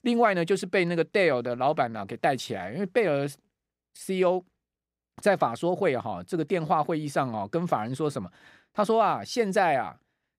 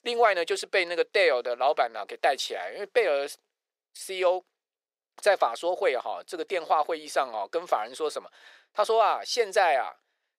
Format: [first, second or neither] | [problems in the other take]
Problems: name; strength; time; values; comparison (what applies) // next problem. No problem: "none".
first | thin; very; fading below 450 Hz